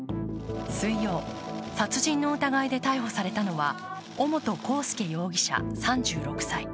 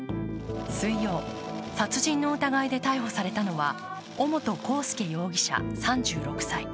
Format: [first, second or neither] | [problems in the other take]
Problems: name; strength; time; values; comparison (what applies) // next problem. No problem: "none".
first | background sound (Bowed string instrument); 20 dB below the speech